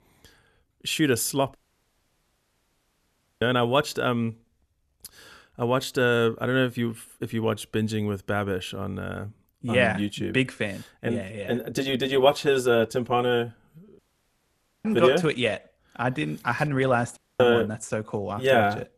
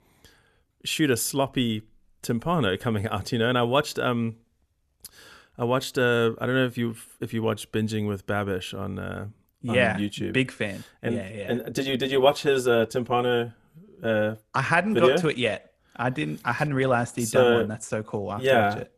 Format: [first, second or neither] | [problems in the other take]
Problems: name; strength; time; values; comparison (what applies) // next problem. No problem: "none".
second | audio cutting out; at 1.5 s for 2 s, at 14 s for 1 s and at 17 s